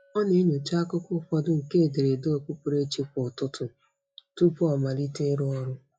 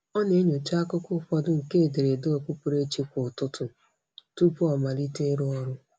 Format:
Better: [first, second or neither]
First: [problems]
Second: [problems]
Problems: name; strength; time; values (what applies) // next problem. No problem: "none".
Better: second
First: noise reduction (classical method log-MMSE)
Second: none